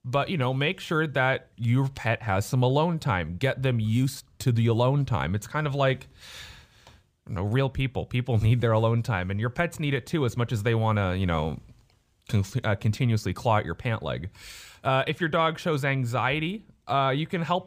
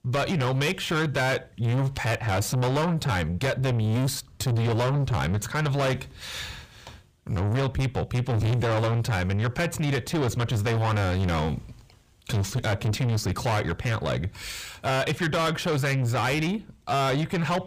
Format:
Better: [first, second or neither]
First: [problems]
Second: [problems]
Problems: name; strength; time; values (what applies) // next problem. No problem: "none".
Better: first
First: none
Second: distortion; heavy; 6 dB below the speech